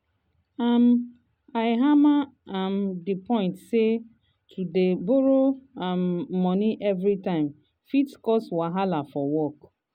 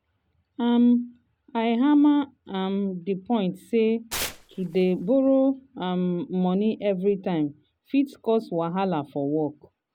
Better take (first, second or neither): first